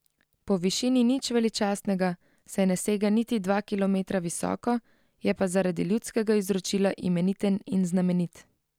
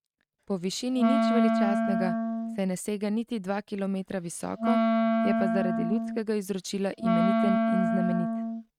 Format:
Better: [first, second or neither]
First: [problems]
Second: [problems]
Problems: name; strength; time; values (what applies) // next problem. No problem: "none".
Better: first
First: none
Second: noise reduction (neural mask model RNNoise)